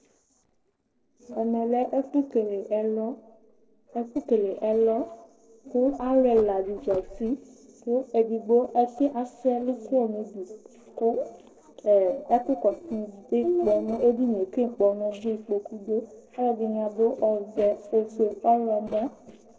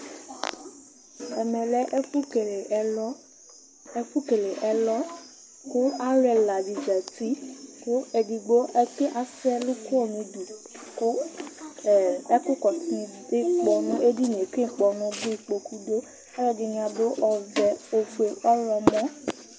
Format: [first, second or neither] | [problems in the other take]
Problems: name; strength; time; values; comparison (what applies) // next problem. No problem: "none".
second | noise reduction (neural separator model SepFormer DNS4)